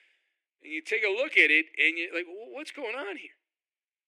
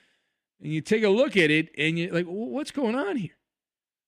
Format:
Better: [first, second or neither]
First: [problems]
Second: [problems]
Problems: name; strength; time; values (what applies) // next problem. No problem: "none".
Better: second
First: thin; very; fading below 300 Hz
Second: none